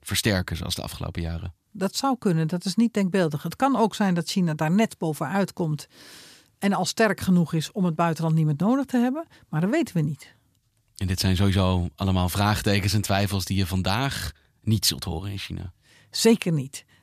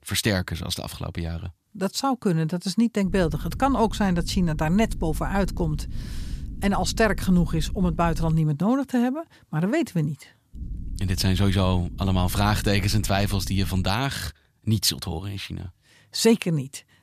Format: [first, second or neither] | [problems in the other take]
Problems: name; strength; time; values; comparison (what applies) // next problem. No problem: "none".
first | low rumble; faint; from 3 to 8.5 s and from 11 to 14 s; 20 dB below the speech